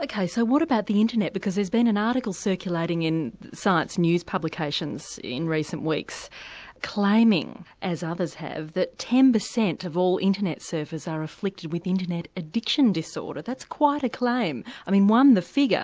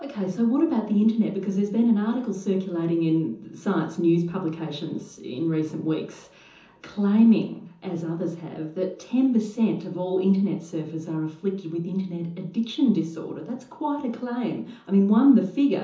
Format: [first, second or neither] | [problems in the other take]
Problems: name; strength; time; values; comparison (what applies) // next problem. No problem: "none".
first | room echo; dies away in 0.6 s